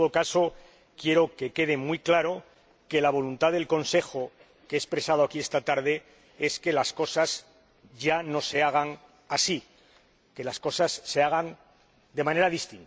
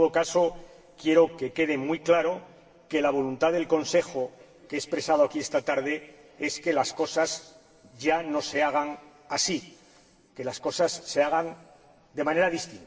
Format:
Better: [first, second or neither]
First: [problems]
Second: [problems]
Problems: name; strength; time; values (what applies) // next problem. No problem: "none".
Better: first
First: none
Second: room echo; dies away in 2.7 s